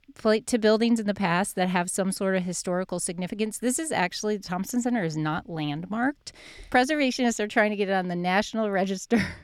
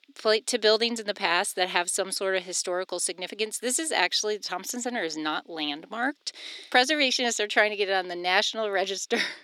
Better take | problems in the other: first | thin; somewhat; fading below 300 Hz

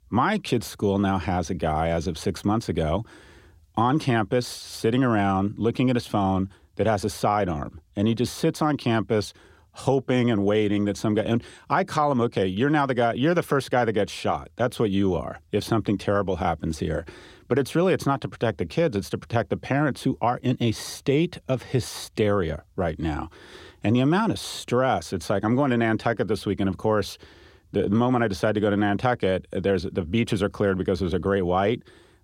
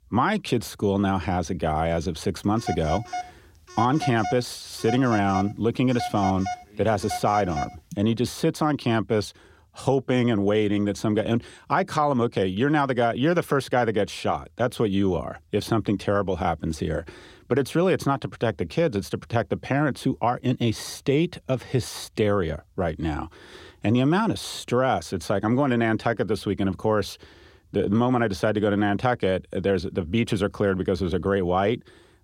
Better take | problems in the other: first | phone ringing; noticeable; from 2.5 to 8 s; peak 7 dB below the speech

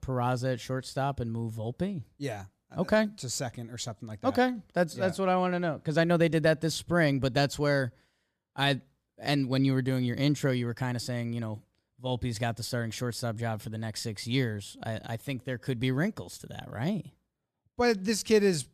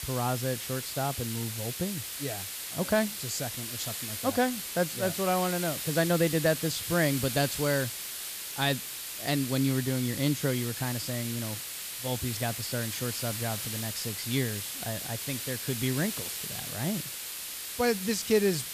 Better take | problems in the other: first | hiss; loud; throughout; 4 dB below the speech

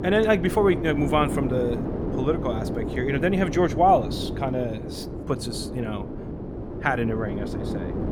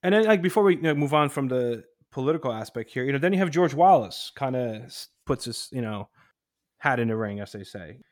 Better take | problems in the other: second | wind noise on the microphone; heavy; 10 dB below the speech

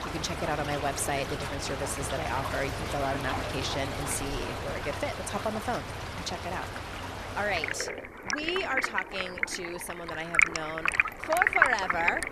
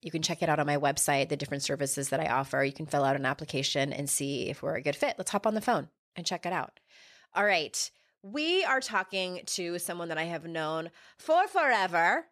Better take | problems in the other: second | rain or running water; very loud; throughout; 2 dB above the speech

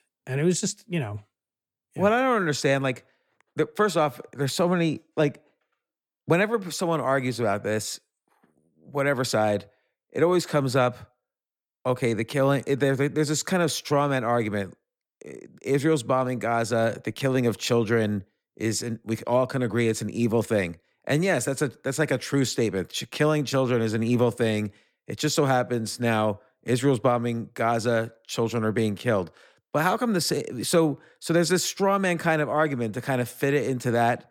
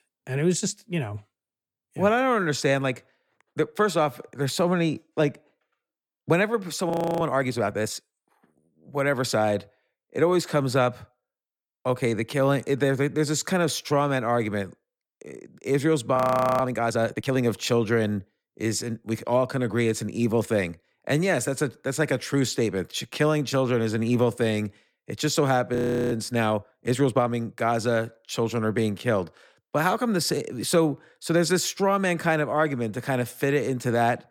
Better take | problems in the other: first | audio freezing; at 7 s, at 16 s and at 26 s

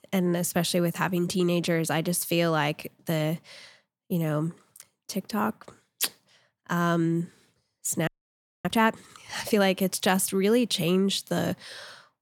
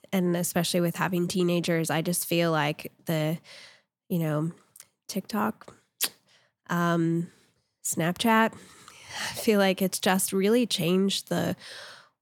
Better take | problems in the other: second | audio freezing; at 8 s for 0.5 s

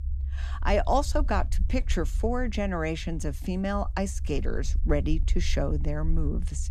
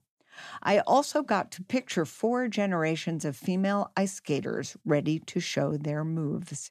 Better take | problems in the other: second | low rumble; faint; throughout; 20 dB below the speech

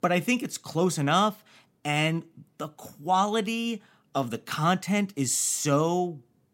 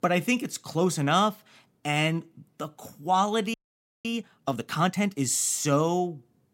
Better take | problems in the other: first | audio freezing; at 3.5 s for 0.5 s

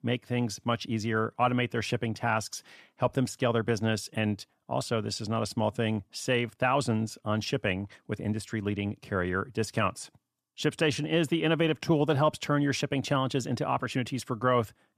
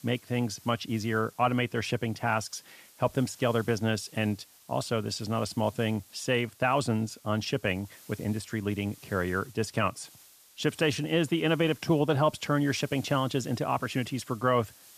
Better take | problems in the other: first | hiss; faint; throughout; 25 dB below the speech

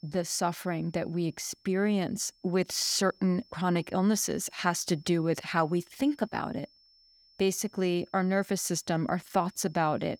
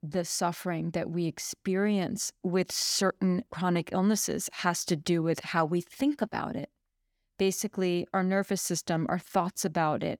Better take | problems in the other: second | high-pitched whine; faint; throughout; 5.5 kHz, 30 dB below the speech

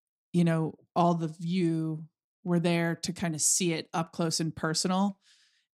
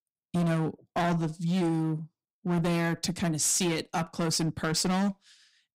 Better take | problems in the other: first | distortion; heavy; 18% of the sound clipped

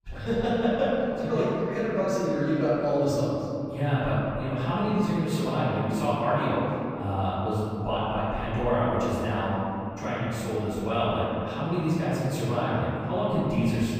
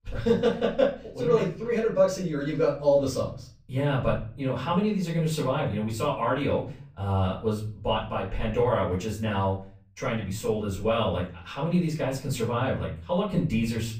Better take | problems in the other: second | room echo; strong; dies away in 3 s; slight in the second // off-mic speech; far; far in the second

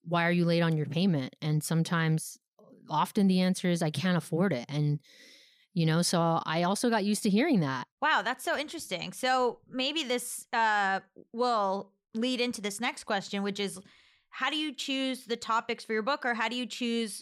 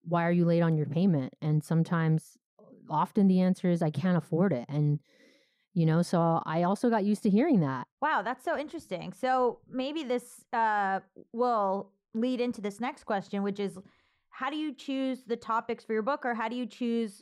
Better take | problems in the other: first | muffled; slightly; fading above 2 kHz

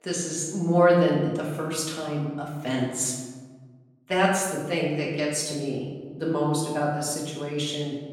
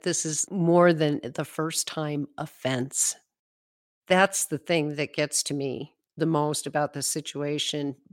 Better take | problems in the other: second | off-mic speech; far // room echo; noticeable; dies away in 1.3 s

